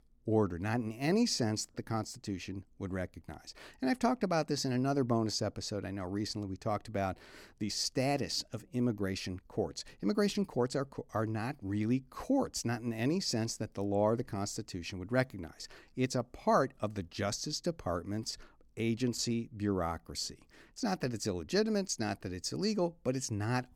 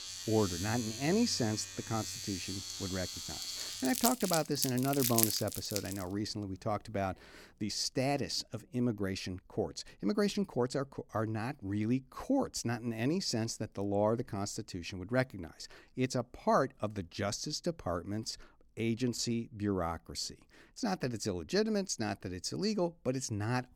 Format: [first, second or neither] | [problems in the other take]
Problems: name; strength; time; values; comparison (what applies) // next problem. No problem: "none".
first | household noises; loud; until 7.5 s; 2 dB below the speech